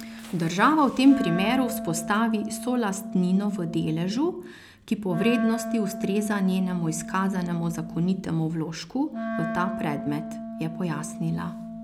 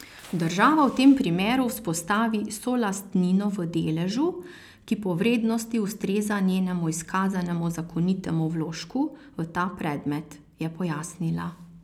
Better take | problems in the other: second | background sound (Wind instrument, woodwind instrument); 9 dB below the speech

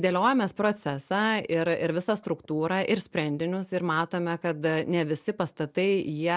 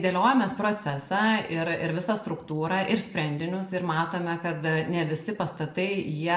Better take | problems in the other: first | room echo; dies away in 0.6 s

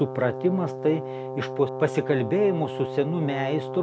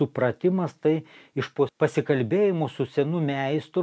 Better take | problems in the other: second | background sound (Brass instrument); 8 dB below the speech

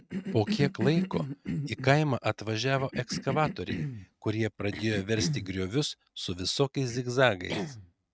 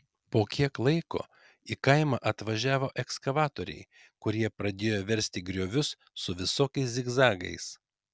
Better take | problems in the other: second | noise reduction (neural mask model RNNoise)

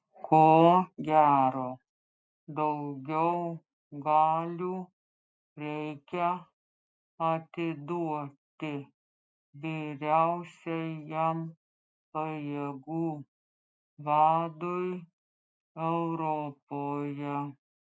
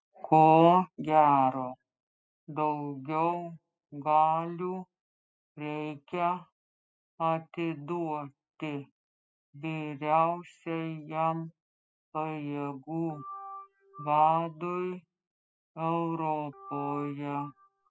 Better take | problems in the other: first | noise reduction (classical method spectral subtraction)

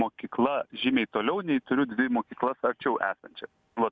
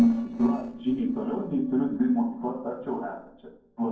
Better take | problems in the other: first | noise reduction (neural separator model SepFormer DNS4)

